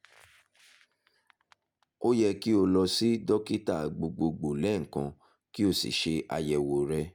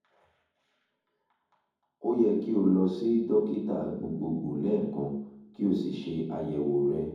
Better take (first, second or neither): first